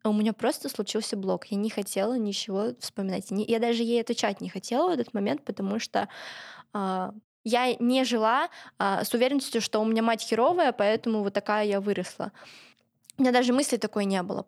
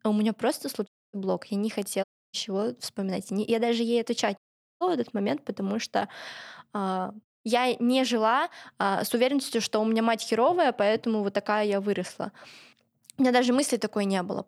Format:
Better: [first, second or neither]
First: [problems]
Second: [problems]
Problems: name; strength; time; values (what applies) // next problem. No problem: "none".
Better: first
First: none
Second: audio cutting out; at 1 s, at 2 s and at 4.5 s